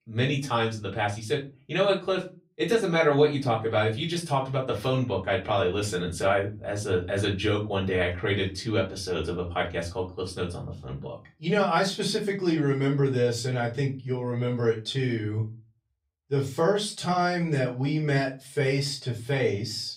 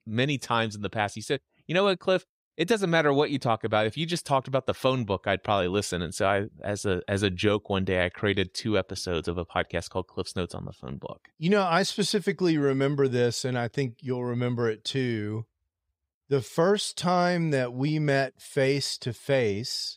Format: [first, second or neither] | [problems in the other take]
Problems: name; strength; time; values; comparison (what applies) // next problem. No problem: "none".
second | off-mic speech; far // room echo; very slight; dies away in 0.3 s